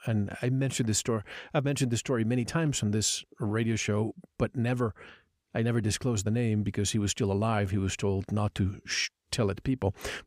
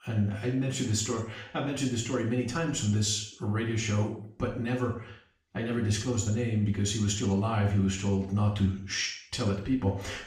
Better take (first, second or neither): first